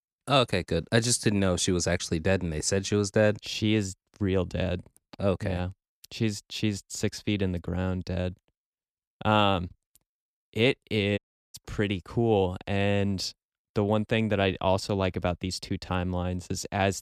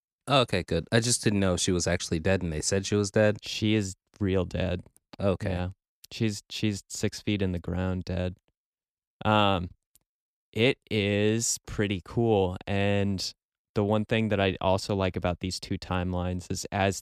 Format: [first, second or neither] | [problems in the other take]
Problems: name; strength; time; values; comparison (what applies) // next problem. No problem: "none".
second | audio cutting out; at 11 s